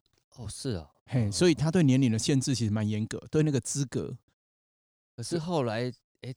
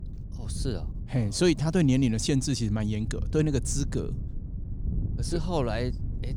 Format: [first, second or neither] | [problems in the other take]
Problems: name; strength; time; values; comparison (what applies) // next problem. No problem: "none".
first | wind noise on the microphone; occasional gusts; 20 dB below the speech